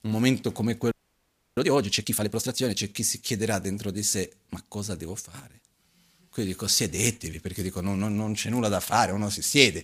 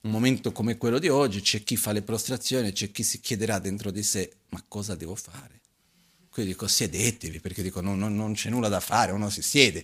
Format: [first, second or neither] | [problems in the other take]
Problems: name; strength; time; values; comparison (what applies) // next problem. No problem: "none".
second | audio freezing; at 1 s for 0.5 s